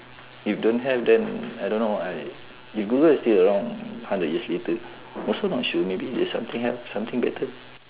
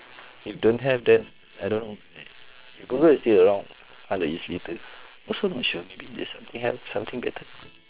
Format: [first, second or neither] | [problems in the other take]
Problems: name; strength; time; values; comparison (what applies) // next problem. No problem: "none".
first | noise reduction (neural separator model SepFormer WHAM!)